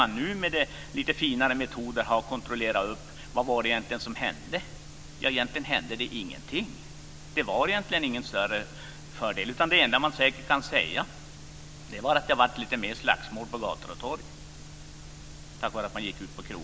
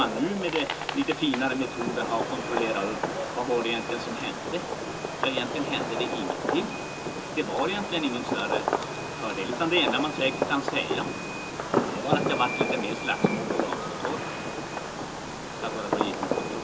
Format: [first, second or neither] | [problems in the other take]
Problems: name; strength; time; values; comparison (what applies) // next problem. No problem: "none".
first | background sound (Fireworks); as loud as the speech // room echo; dies away in 0.2 s